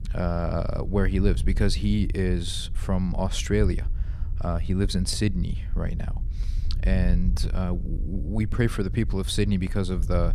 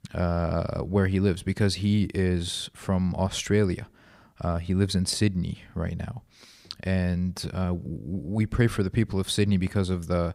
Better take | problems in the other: second | wind noise on the microphone; occasional gusts; 20 dB below the speech

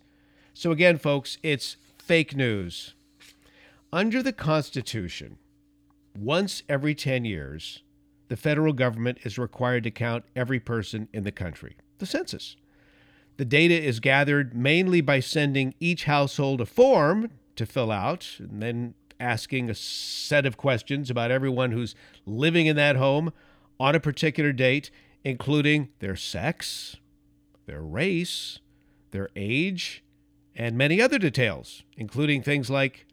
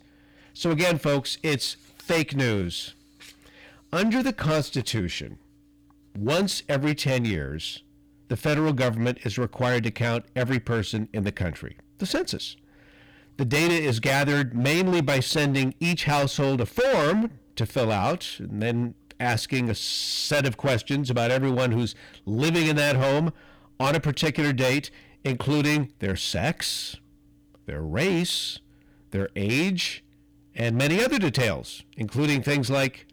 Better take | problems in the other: first | distortion; heavy; 14% of the sound clipped

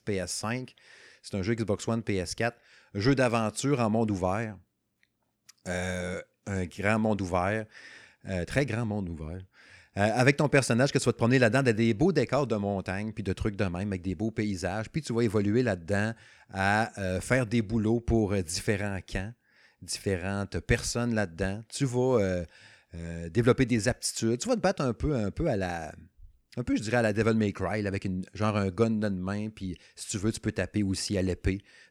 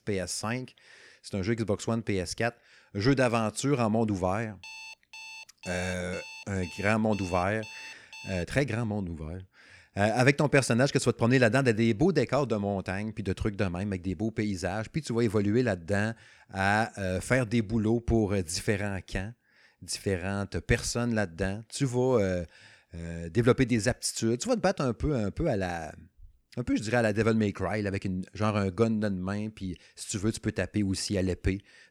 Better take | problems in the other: first | alarm; faint; from 4.5 to 8.5 s; peak 15 dB below the speech

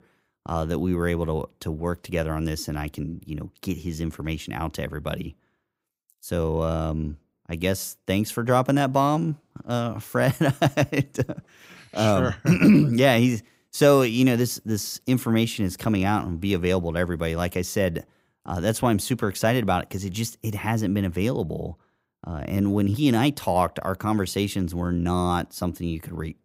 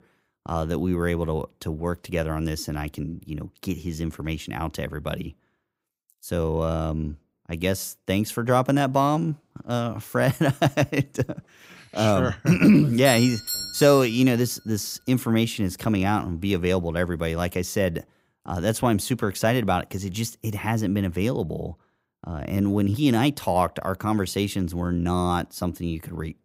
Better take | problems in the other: first | doorbell; noticeable; from 13 to 14 s; peak 3 dB below the speech

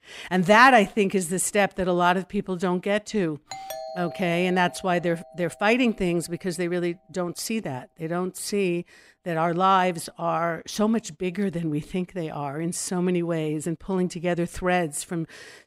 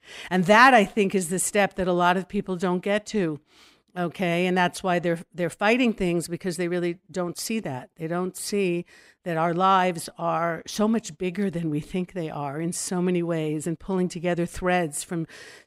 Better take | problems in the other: second | doorbell; faint; from 3.5 to 5.5 s; peak 10 dB below the speech

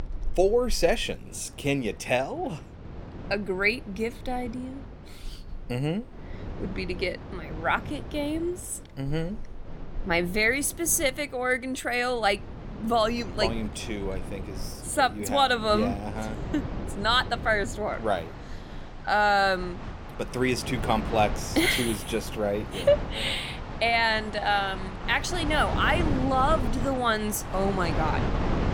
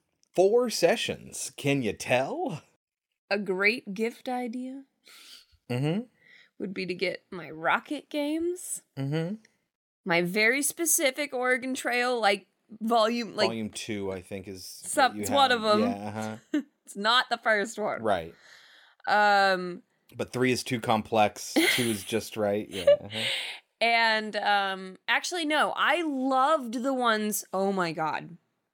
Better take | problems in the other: second | wind in the background; loud; throughout; 10 dB below the speech

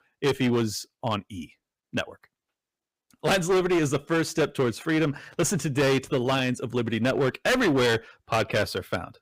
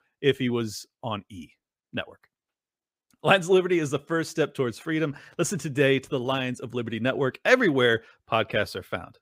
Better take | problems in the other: second | distortion; heavy; 12% of the sound clipped

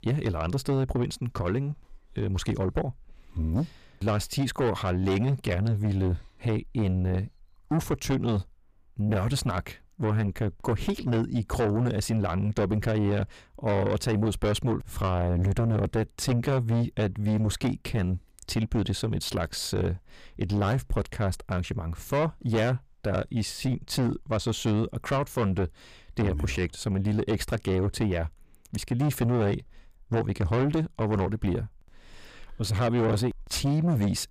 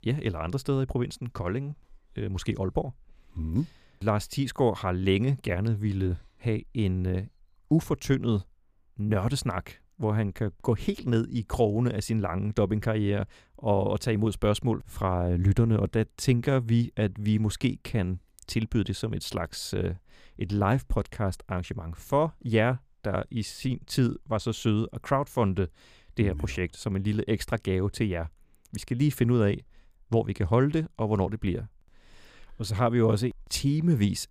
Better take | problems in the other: second | distortion; heavy; 8 dB below the speech

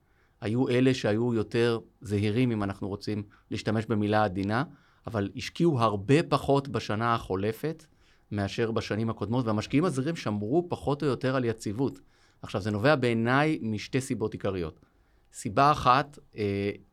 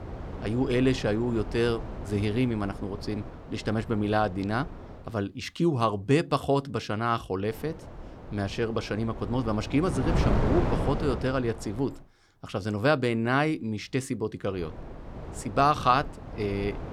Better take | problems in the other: first | wind noise on the microphone; occasional gusts; until 5 s, from 7.5 to 12 s and from 15 s on; 10 dB below the speech

